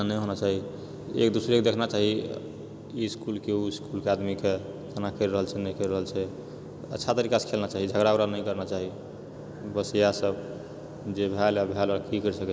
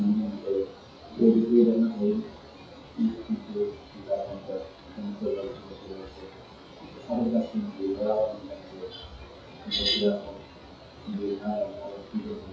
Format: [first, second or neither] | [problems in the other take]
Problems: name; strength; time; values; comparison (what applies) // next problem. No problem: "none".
first | noise reduction (classical method WPE with log-MMSE)